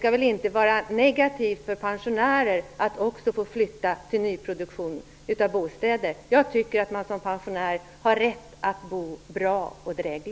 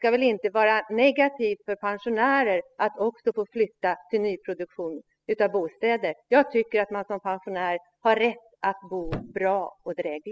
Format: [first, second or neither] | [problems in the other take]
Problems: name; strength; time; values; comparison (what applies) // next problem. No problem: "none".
first | noise reduction (classical method spectral subtraction)